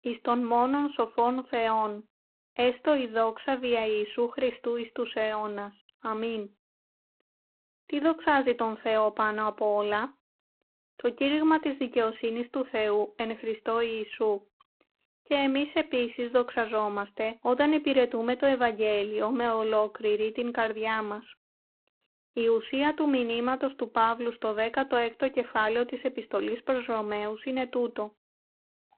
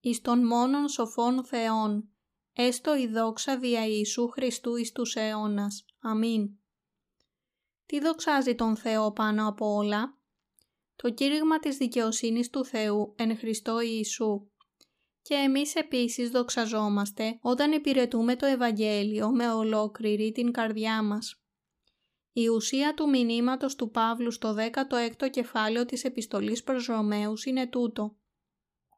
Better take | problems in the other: second | phone-call audio; poor line

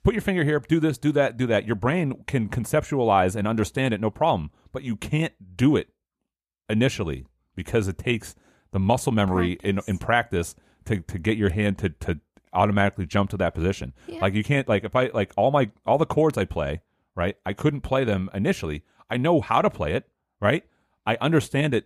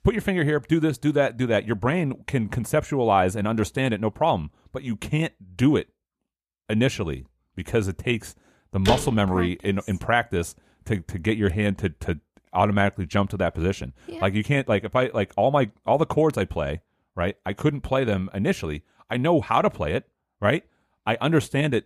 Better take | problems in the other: first | door banging; noticeable; at 9 s; peak 2 dB below the speech

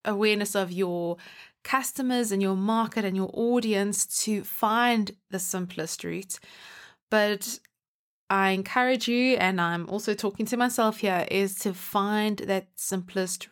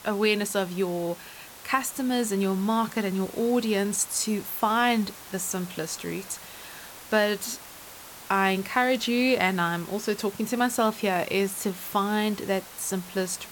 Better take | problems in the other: first | hiss; noticeable; throughout; 15 dB below the speech

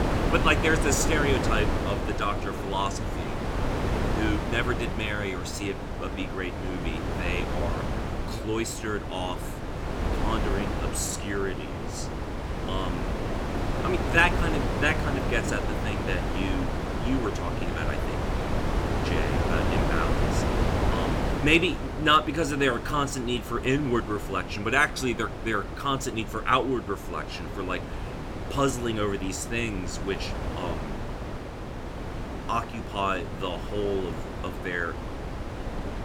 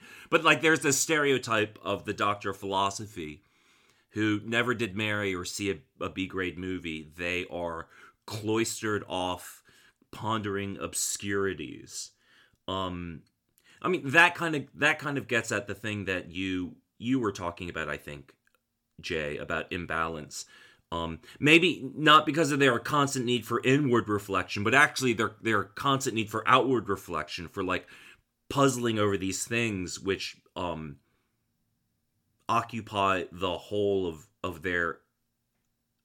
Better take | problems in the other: second | wind noise on the microphone; heavy; 5 dB below the speech

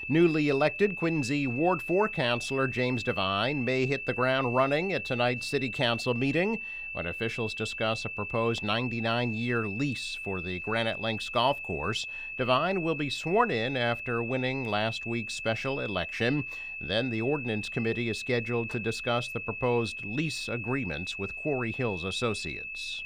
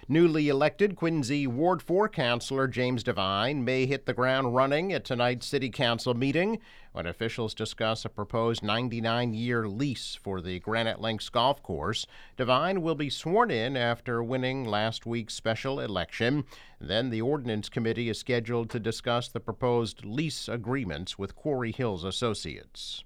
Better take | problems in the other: second | high-pitched whine; loud; throughout; 2.5 kHz, 6 dB below the speech

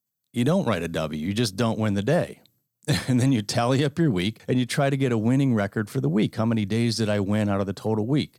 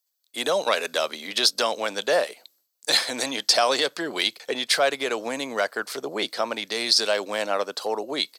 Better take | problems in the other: first | thin; very; fading below 500 Hz

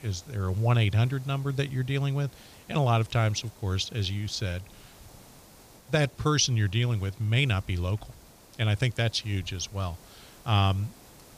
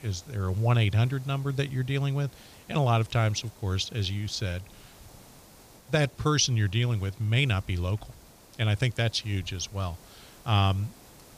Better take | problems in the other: neither | hiss; faint; throughout; 25 dB below the speech; the same in both

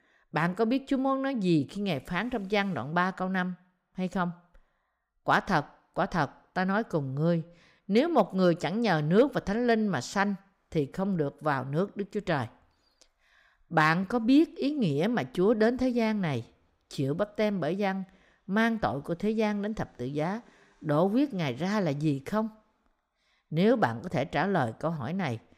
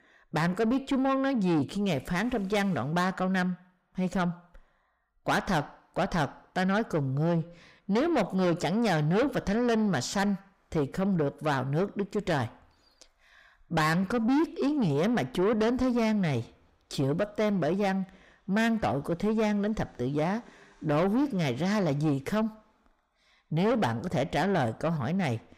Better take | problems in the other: first | distortion; heavy; 8 dB below the speech

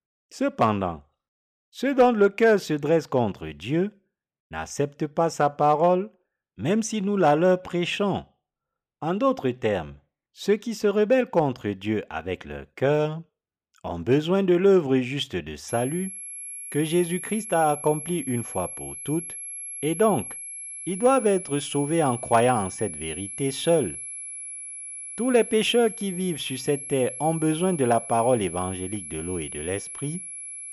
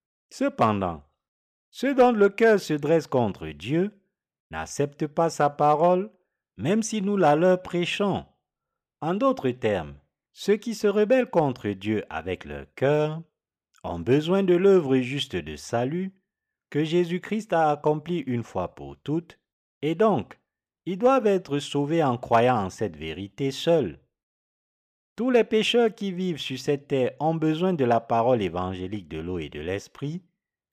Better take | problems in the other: second | high-pitched whine; loud; from 16 s on; 11 kHz, 10 dB below the speech

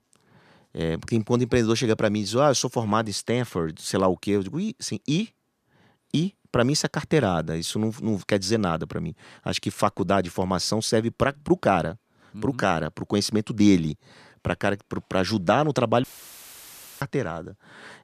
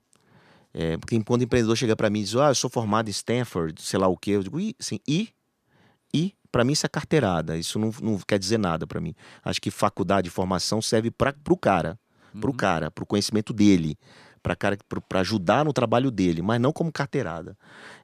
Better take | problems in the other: second | audio cutting out; filled with static; at 16 s for 1 s

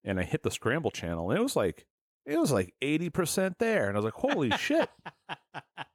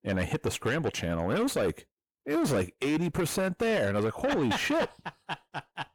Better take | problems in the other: first | distortion; heavy; 7 dB below the speech

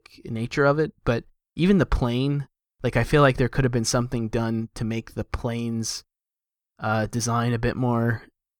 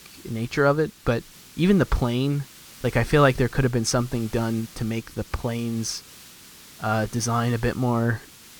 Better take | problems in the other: first | hiss; noticeable; throughout; 20 dB below the speech

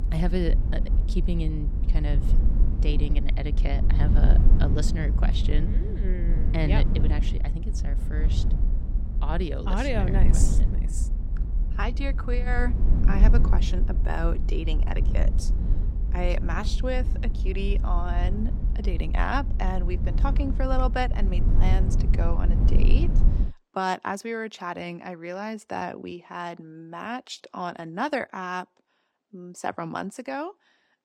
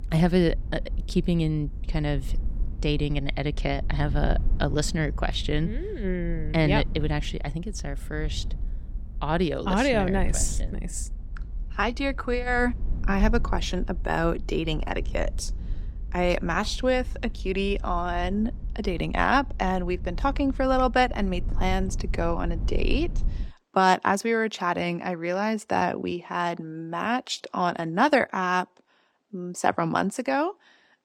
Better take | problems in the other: second | low rumble; loud; until 24 s; 9 dB below the speech; faint in the second

